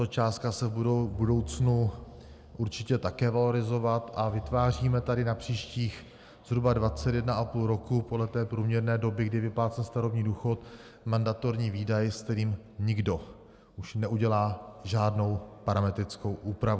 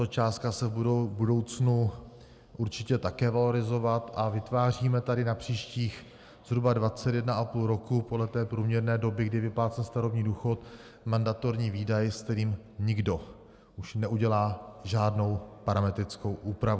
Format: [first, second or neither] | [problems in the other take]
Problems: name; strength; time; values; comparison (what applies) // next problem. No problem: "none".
second | background sound (Drum); 14 dB below the speech